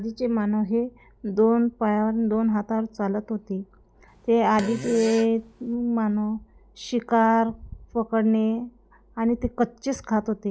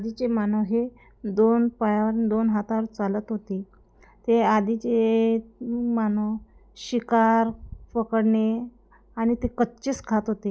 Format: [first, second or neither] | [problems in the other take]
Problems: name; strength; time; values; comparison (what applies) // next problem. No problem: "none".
second | background sound (Fart); 14 dB below the speech